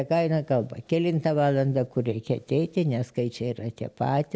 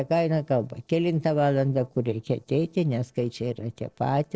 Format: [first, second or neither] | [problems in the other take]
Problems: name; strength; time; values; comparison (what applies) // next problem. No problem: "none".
first | noise reduction (neural separator model SepFormer DNS4)